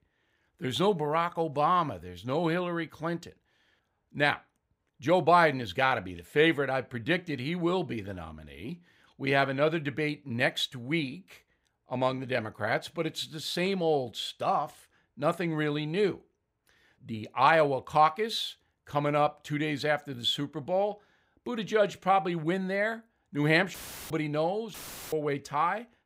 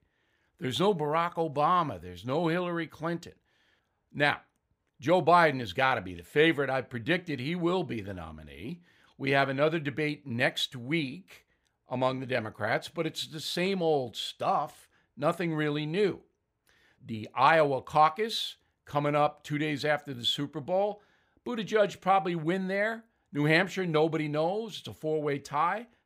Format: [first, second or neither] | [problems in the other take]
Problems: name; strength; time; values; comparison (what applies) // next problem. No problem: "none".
second | audio cutting out; filled with static; at 24 s and at 25 s